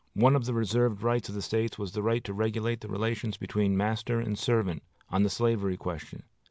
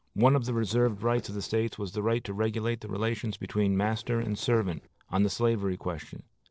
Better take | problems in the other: first | noise reduction (neural separator model SepFormer DNS4)

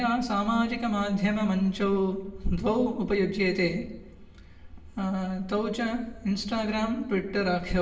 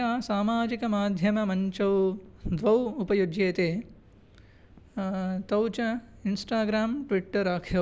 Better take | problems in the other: second | room echo; dies away in 0.8 s

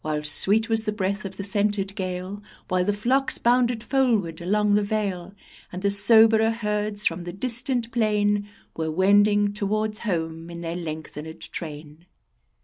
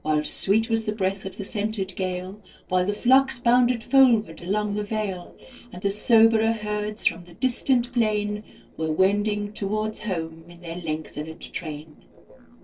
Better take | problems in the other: first | noise reduction (neural separator model SepFormer DNS4)

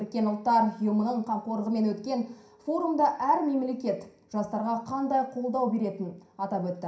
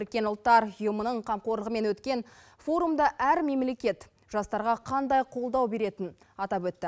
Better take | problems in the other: second | room echo; dies away in 0.5 s

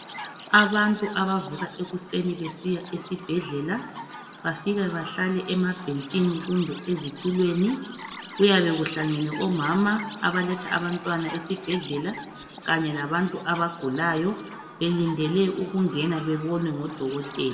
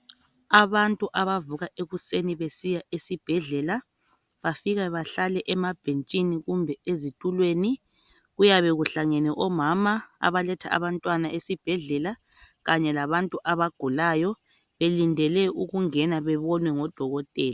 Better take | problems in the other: second | background sound (Chirp, tweet); 15 dB below the speech // room echo; dies away in 1.6 s

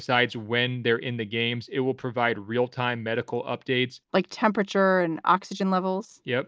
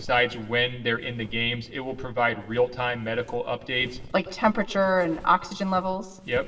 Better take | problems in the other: first | background sound (Walk, footsteps); 16 dB below the speech // room echo; dies away in 0.8 s

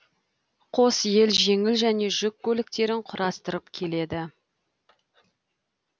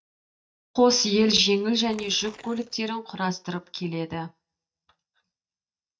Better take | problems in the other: first | noise reduction (neural mask model DeepFilterNet 3)

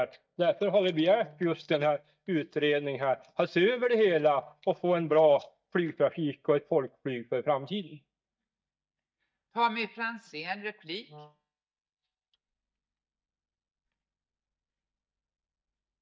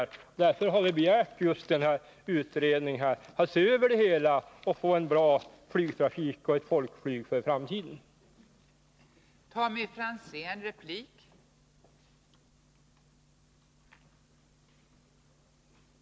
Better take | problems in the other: second | noise reduction (neural mask model DeepFilterNet 3)

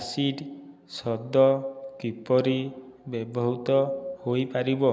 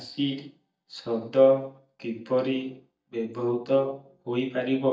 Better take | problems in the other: first | noise reduction (neural mask model DeepFilterNet 3)

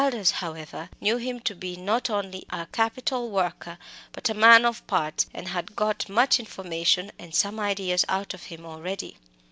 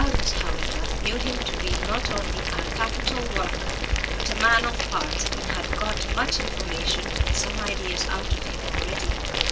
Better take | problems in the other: first | background sound (Boiling); 4 dB above the speech // room echo; dies away in 0.1 s

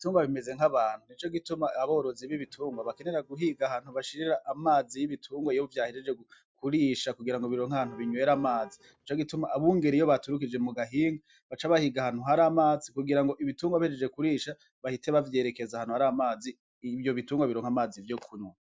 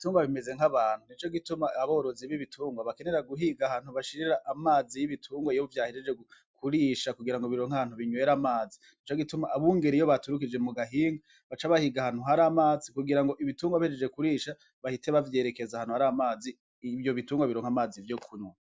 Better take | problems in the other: second | noise reduction (neural mask model DeepFilterNet 3)

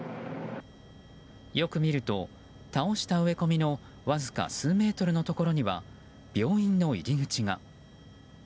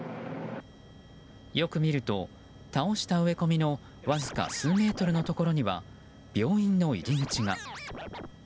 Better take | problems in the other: first | background sound (Scratching (performance technique)); 12 dB below the speech

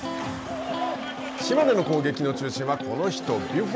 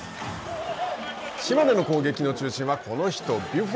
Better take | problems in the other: second | background sound (Electric guitar); 8 dB below the speech

